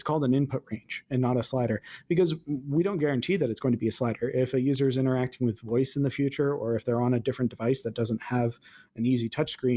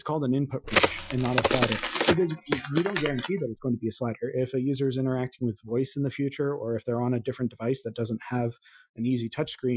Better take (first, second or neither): first